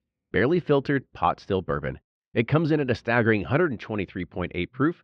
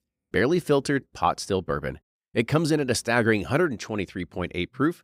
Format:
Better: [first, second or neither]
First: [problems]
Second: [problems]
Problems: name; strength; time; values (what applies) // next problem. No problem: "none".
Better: second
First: muffled; slightly; fading above 3.5 kHz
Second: none